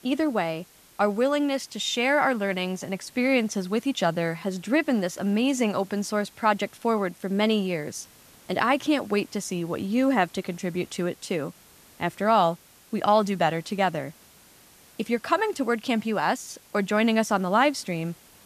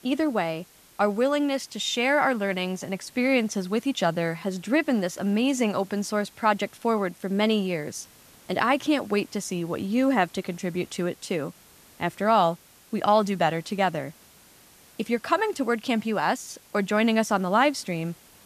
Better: neither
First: hiss; faint; throughout; 25 dB below the speech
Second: hiss; faint; throughout; 25 dB below the speech

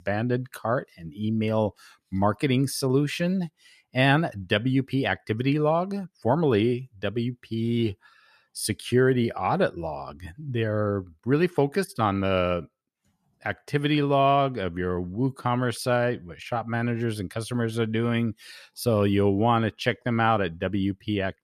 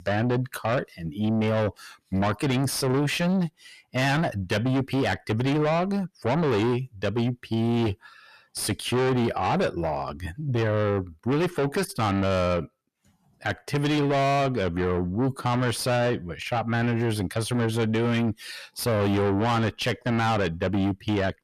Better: first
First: none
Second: distortion; heavy; 6 dB below the speech

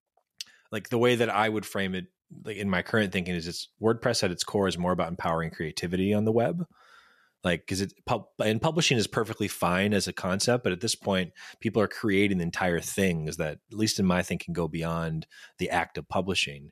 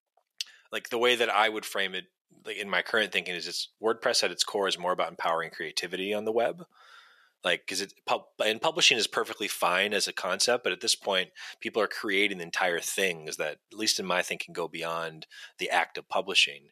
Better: first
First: none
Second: thin; somewhat; fading below 450 Hz

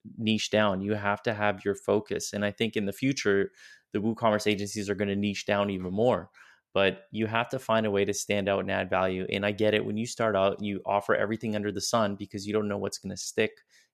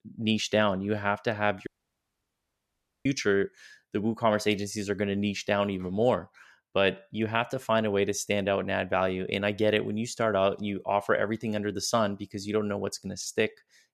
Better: first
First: none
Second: audio cutting out; at 1.5 s for 1.5 s

